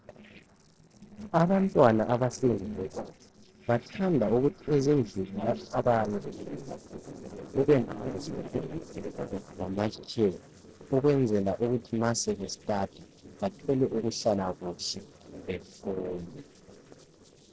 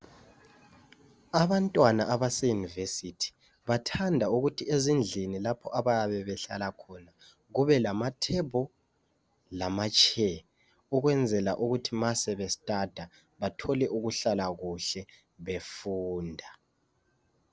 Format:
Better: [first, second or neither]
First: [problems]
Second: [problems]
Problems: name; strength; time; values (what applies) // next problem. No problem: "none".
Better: second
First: noise reduction (neural separator model SepFormer DNS4)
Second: none